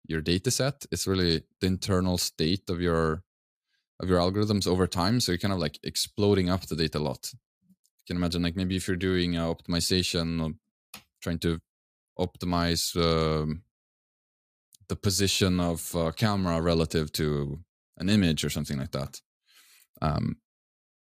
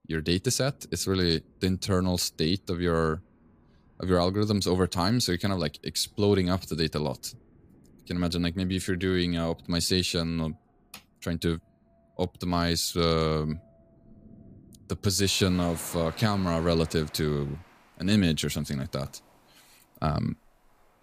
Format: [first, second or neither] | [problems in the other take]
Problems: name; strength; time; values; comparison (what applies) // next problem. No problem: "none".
first | rain or running water; faint; throughout; 25 dB below the speech